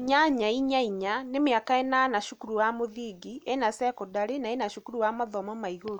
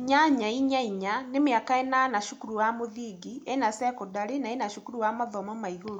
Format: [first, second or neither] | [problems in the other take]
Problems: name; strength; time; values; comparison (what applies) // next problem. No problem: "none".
first | room echo; dies away in 0.2 s